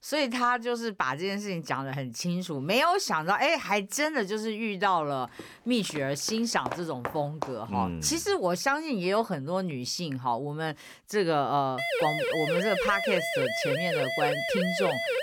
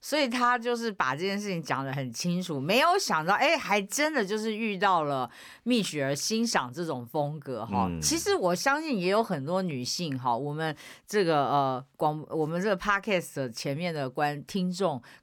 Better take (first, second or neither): second